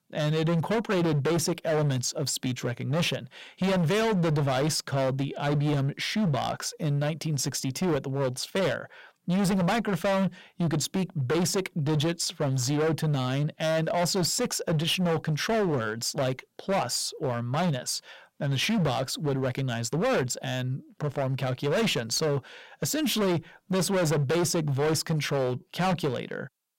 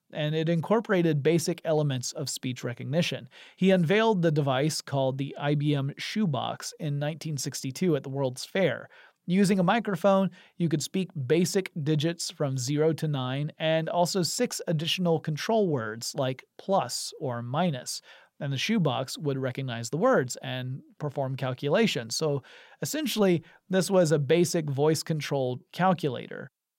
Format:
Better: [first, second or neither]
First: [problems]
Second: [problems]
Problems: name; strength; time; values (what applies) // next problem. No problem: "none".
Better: second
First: distortion; heavy; 21% of the sound clipped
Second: none